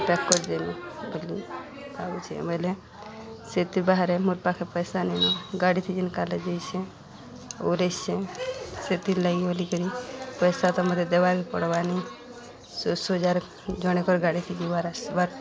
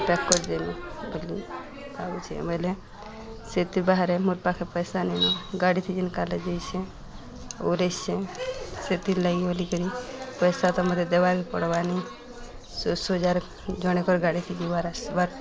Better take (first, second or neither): first